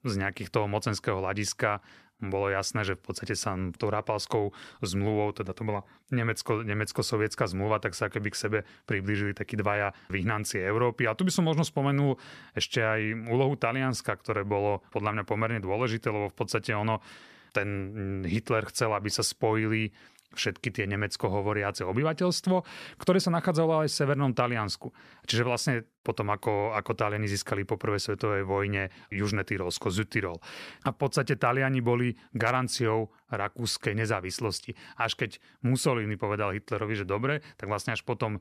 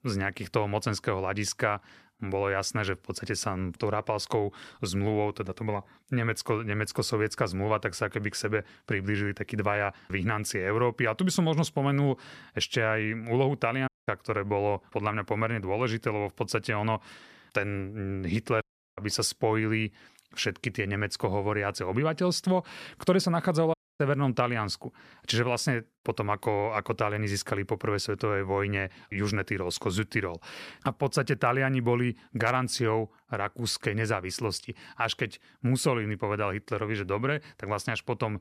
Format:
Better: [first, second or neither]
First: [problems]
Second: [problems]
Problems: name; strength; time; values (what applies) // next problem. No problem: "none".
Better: first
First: none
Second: audio cutting out; at 14 s, at 19 s and at 24 s